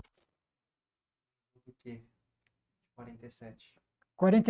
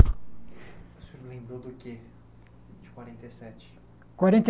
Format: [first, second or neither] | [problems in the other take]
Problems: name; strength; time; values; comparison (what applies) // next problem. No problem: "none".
second | noise reduction (neural mask model RNNoise)